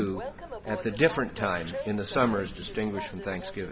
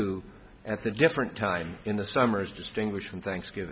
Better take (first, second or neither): second